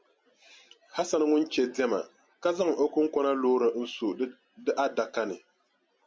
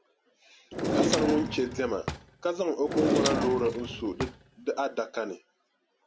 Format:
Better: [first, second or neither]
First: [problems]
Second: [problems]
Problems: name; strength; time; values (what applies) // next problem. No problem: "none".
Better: first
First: none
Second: background sound (Drawer open or close); as loud as the speech